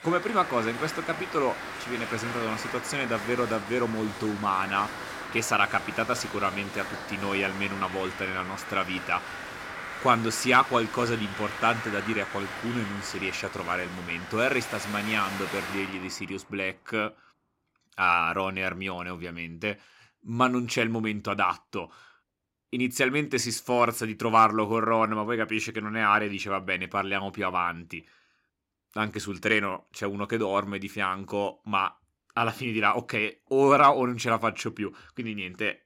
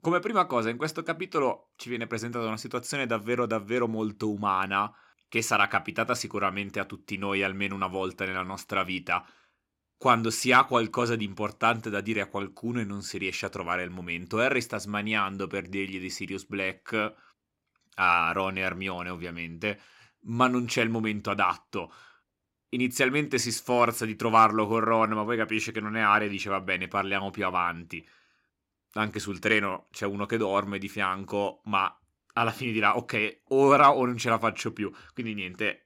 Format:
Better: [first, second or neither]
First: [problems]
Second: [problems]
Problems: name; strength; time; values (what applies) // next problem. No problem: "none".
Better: second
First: crowd noise; loud; until 16 s; 9 dB below the speech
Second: none